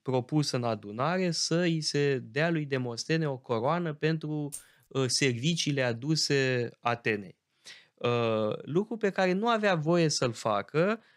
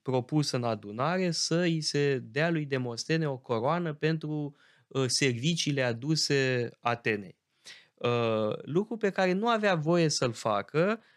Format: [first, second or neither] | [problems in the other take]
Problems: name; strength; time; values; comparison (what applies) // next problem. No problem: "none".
second | jangling keys; faint; at 4.5 s; peak 15 dB below the speech